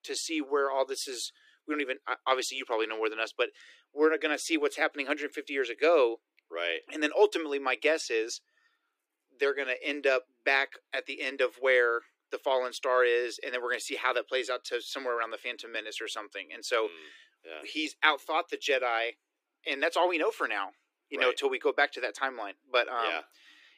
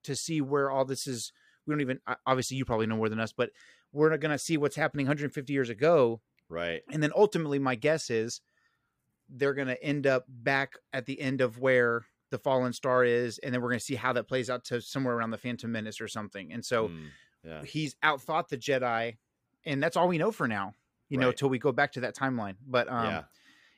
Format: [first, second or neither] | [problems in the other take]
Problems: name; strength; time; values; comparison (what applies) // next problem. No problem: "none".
second | thin; somewhat; fading below 300 Hz